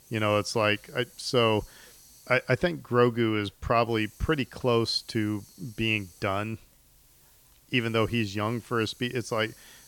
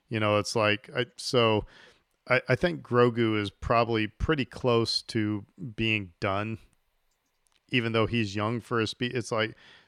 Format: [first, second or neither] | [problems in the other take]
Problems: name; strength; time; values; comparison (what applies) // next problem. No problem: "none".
second | hiss; faint; throughout; 25 dB below the speech